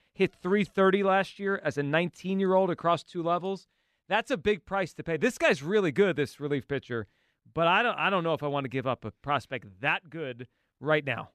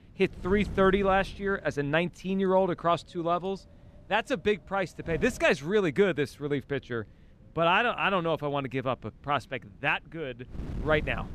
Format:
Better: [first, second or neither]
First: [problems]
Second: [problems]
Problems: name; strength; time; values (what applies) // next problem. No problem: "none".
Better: first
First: none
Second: wind noise on the microphone; occasional gusts; 25 dB below the speech